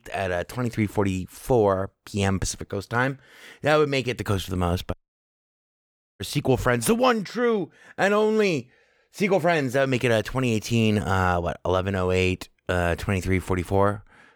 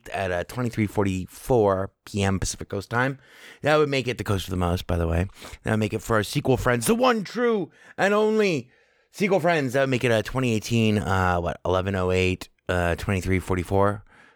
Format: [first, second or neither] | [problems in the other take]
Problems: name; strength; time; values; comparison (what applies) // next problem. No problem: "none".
second | audio cutting out; at 5 s for 1.5 s